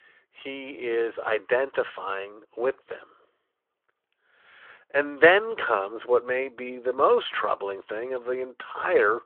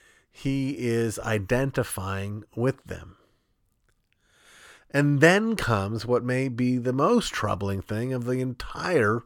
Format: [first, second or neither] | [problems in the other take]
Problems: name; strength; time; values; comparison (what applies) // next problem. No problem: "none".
second | phone-call audio